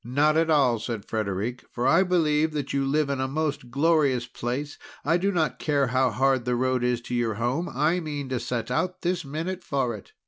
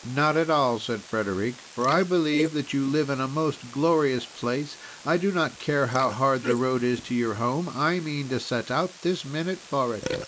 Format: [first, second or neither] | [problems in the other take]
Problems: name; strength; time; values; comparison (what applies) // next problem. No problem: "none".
first | noise reduction (neural mask model Resemble Enhance denoiser)